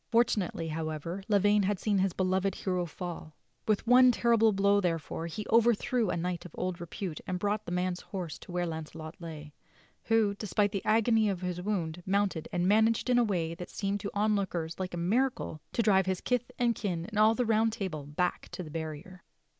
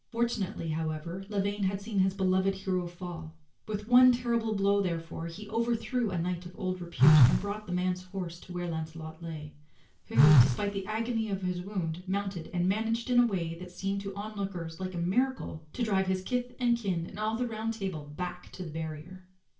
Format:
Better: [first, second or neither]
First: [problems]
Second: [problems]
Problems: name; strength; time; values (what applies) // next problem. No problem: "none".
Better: first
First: none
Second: background sound (Telephone); 4 dB above the speech // room echo; dies away in 0.3 s